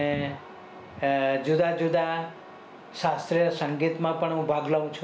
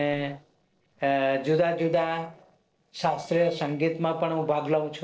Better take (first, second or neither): first